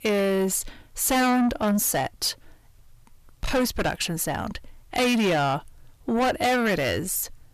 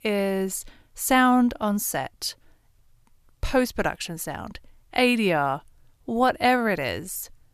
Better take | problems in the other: second | distortion; heavy; 6 dB below the speech

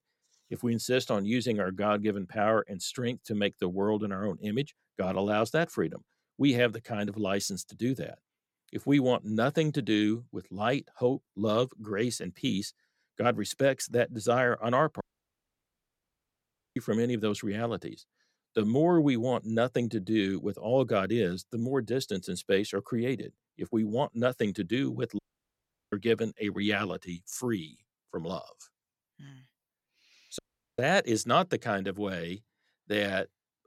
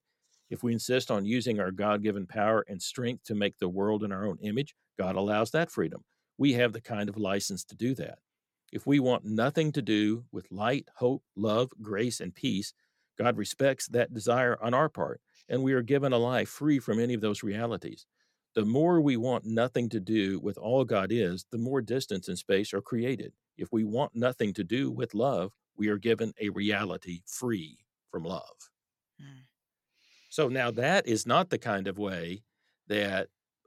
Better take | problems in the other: second | audio cutting out; at 15 s for 2 s, at 25 s for 0.5 s and at 30 s

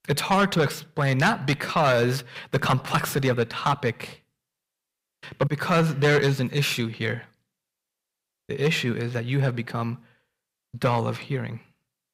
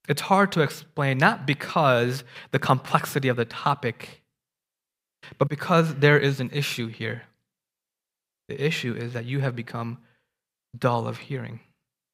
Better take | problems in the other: second | distortion; heavy; 7 dB below the speech

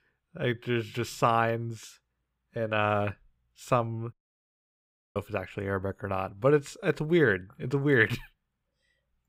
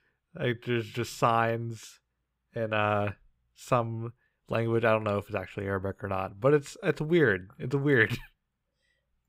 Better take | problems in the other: second | audio cutting out; at 4 s for 1 s

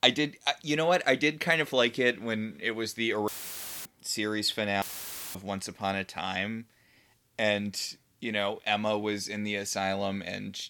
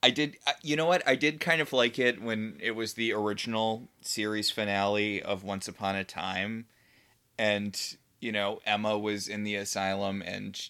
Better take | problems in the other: second | audio cutting out; filled with static; at 3.5 s for 0.5 s and at 5 s for 0.5 s

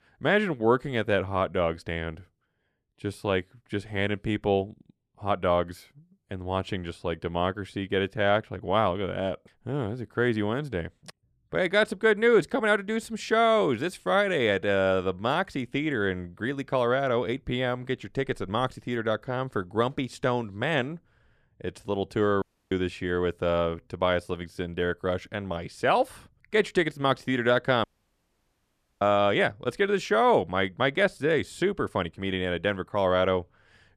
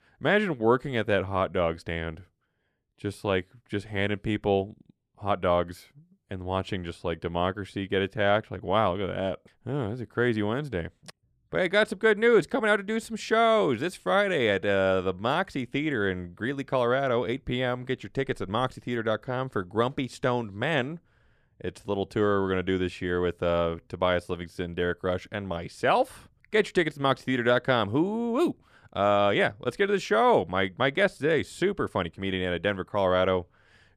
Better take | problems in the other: second | audio cutting out; at 22 s and at 28 s for 1 s

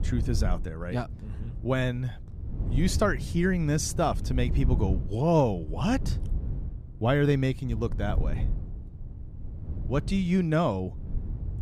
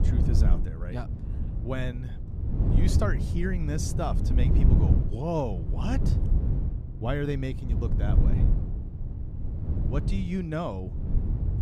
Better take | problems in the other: first | wind noise on the microphone; heavy; 6 dB below the speech; occasional gusts in the first

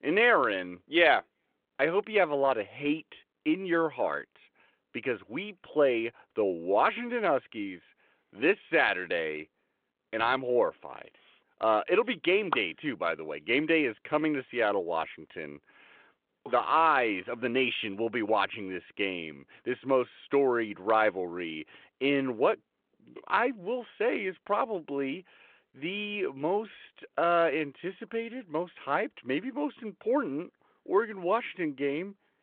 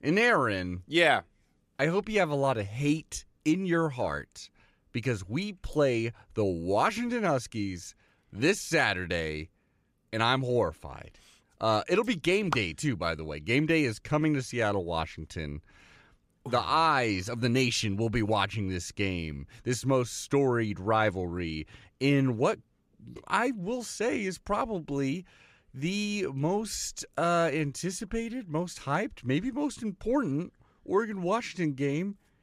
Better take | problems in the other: second | phone-call audio

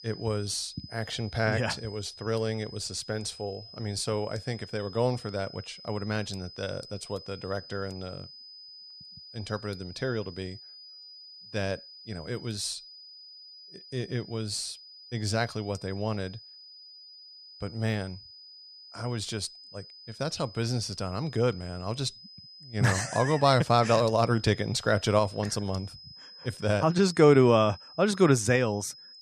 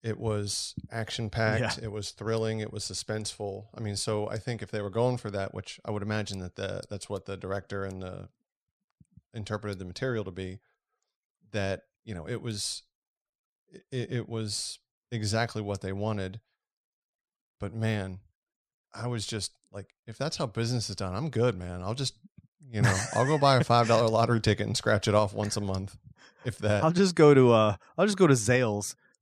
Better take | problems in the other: second | high-pitched whine; noticeable; throughout; 5 kHz, 15 dB below the speech

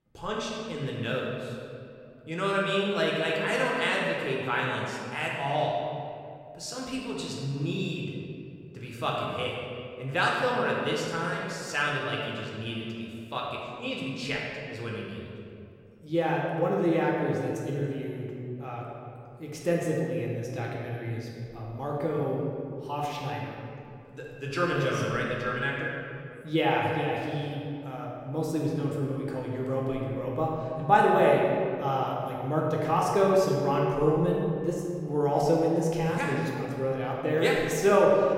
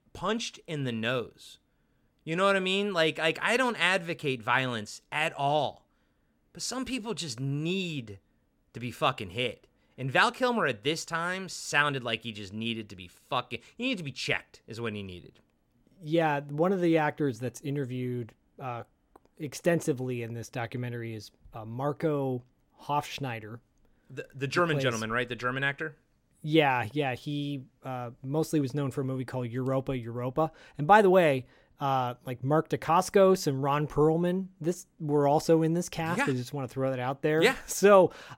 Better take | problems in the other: second | room echo; noticeable; dies away in 2.1 s // off-mic speech; far

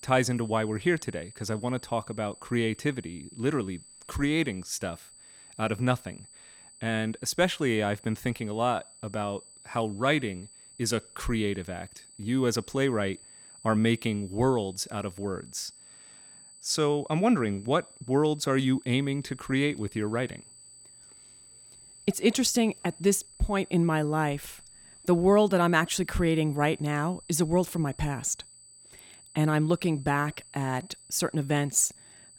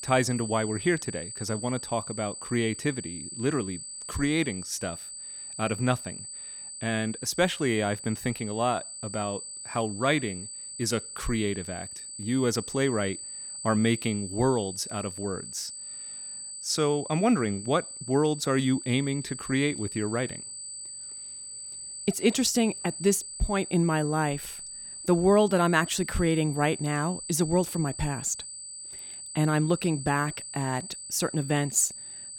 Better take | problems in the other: first | high-pitched whine; loud; throughout; 8 kHz, 9 dB below the speech; faint in the first

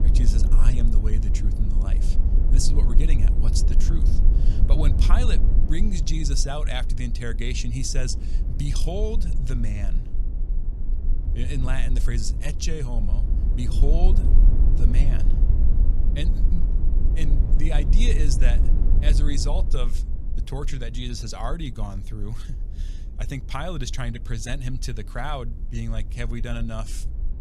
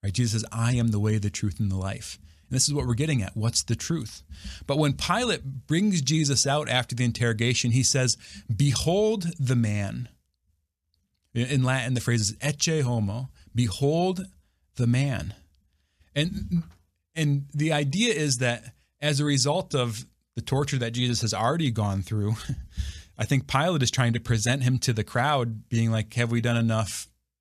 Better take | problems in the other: second | low rumble; loud; throughout; 8 dB below the speech

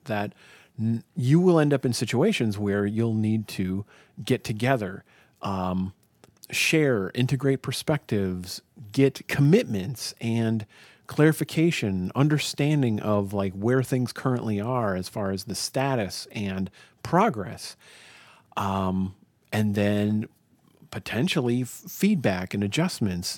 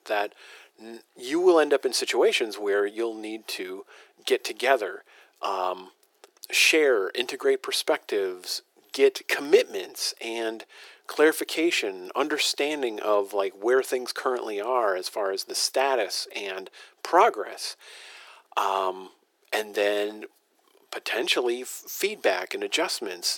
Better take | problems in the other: first | thin; very; fading below 350 Hz

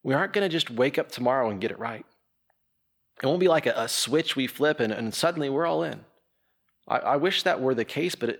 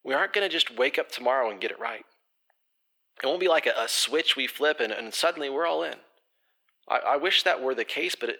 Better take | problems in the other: first | thin; somewhat; fading below 400 Hz

